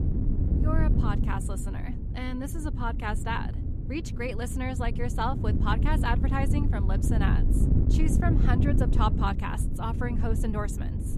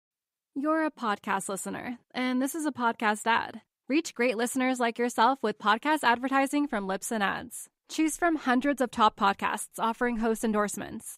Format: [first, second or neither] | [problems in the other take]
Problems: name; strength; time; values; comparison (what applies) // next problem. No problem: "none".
second | wind noise on the microphone; heavy; 6 dB below the speech